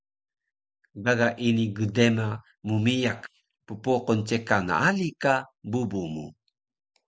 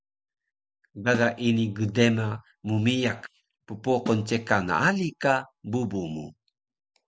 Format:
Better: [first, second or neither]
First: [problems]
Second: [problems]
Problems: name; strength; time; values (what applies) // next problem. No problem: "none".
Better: first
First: none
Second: background sound (Snare drum); 17 dB below the speech